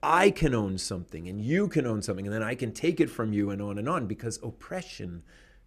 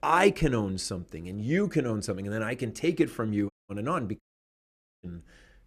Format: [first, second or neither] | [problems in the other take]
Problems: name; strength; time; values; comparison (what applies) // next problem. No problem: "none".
first | audio cutting out; at 3.5 s and at 4 s for 1 s